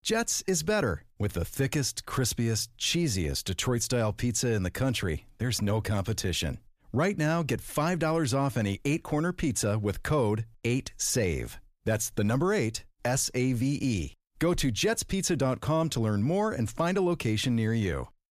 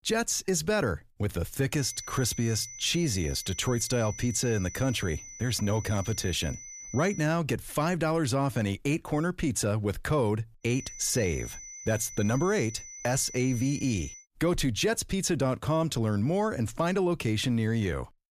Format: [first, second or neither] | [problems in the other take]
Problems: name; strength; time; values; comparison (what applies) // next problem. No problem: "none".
first | high-pitched whine; noticeable; from 2 to 7 s and from 11 to 14 s; 6 kHz, 10 dB below the speech